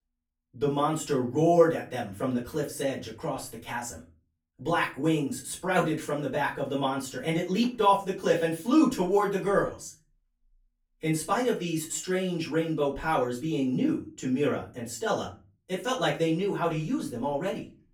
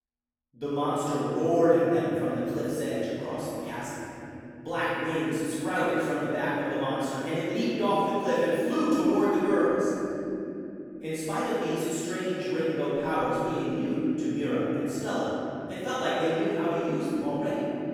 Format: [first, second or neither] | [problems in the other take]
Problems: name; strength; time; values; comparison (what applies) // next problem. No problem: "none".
first | room echo; strong; dies away in 3 s; slight in the first // off-mic speech; far; far in the first